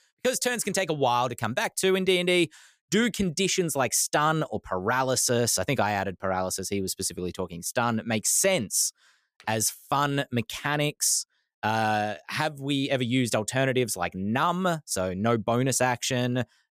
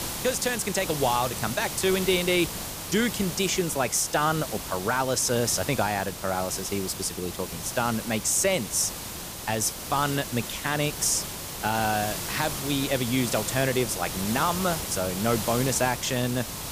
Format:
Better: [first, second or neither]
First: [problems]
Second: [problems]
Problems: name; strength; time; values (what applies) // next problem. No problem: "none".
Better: first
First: none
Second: hiss; loud; throughout; 6 dB below the speech